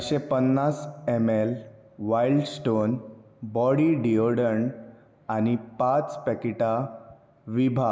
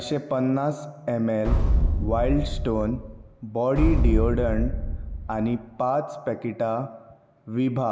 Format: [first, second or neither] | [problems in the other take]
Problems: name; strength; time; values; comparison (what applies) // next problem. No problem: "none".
first | background sound (Boom); 2 dB above the speech